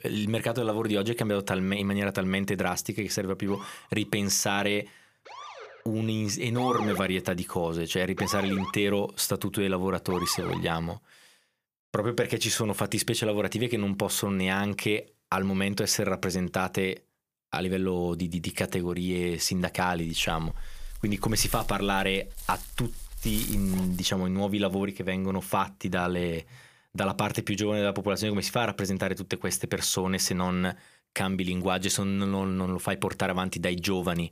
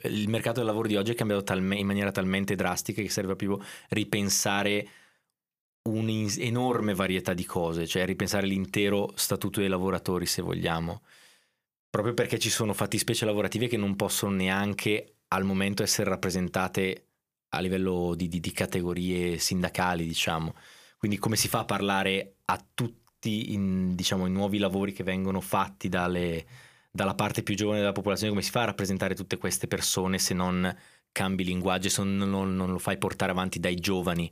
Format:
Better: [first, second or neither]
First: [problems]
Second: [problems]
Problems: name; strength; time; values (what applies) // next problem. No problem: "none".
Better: second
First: siren; noticeable; from 3.5 to 11 s; peak 4 dB below the speech // dog barking; noticeable; from 20 to 24 s; peak 4 dB below the speech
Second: none